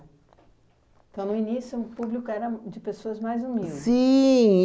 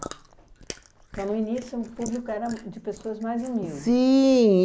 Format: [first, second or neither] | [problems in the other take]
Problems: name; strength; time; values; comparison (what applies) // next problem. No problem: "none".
first | noise reduction (neural mask model Resemble Enhance denoiser)